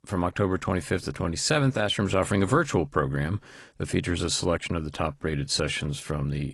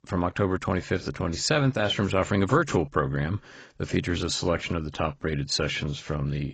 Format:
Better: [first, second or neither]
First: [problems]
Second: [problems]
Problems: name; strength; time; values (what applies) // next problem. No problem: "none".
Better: first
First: garbled, watery; slightly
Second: garbled, watery; badly; nothing above 8 kHz